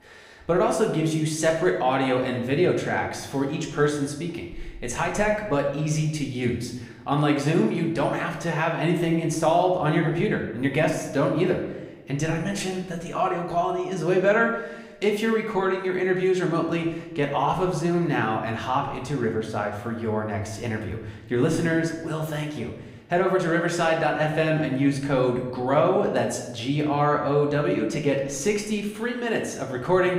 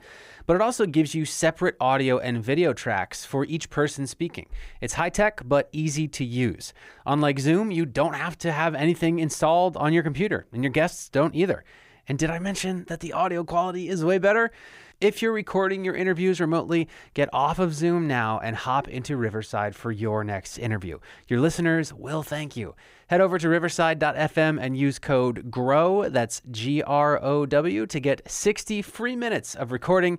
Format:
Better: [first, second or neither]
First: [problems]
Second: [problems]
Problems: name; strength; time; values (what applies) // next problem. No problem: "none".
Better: second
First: room echo; slight; dies away in 0.8 s // off-mic speech; somewhat distant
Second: none